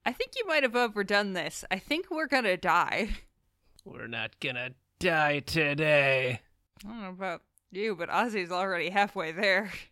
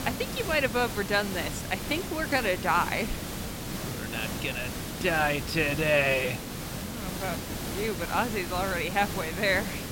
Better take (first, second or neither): first